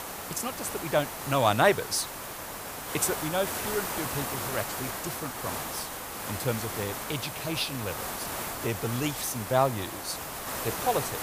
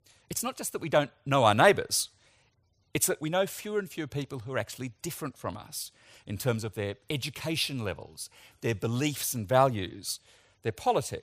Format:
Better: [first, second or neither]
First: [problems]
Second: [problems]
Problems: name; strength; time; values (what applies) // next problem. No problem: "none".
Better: second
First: hiss; loud; throughout; 4 dB below the speech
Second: none